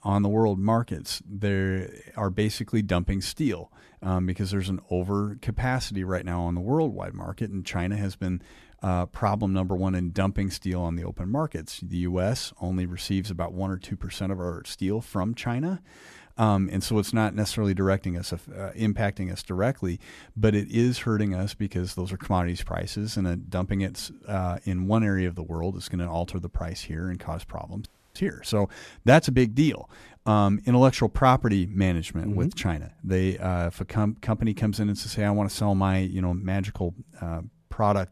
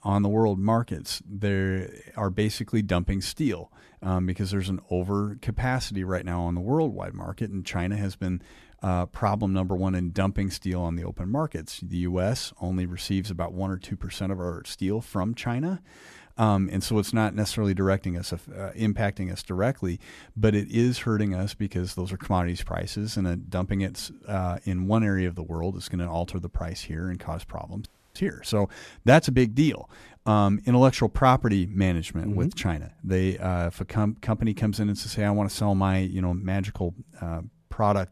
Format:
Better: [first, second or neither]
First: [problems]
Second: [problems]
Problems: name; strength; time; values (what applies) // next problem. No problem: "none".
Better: neither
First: audio freezing; at 28 s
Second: audio freezing; at 28 s